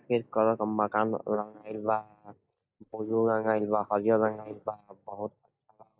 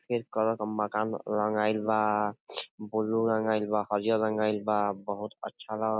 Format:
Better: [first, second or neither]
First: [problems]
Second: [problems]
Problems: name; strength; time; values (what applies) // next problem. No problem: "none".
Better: second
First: noise reduction (neural mask model DeepFilterNet 3)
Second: none